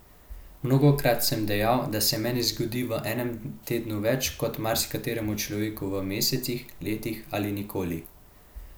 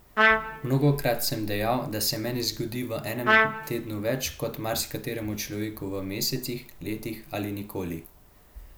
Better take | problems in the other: first | background sound (Trumpet); 5 dB above the speech

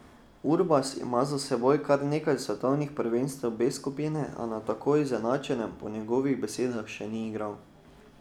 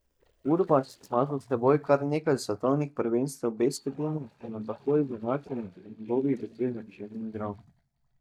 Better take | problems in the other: first | noise reduction (neural mask model DeepFilterNet 3)

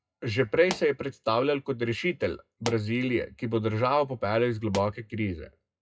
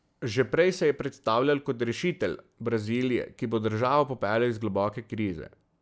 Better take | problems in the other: second | noise reduction (classical method WPE with log-MMSE)

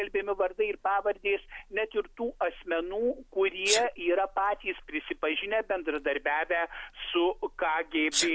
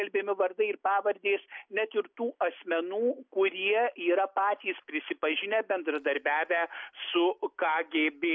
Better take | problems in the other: second | background sound (Sneeze); 11 dB below the speech

